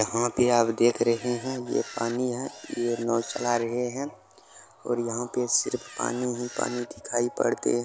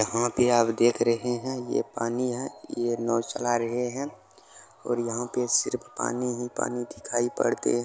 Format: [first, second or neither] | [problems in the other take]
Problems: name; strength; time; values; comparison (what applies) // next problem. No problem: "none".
second | background sound (Camera); 18 dB below the speech